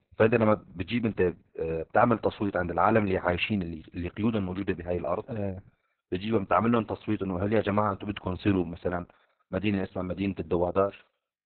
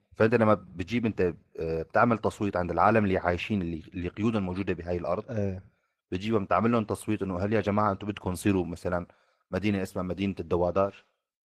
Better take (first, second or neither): second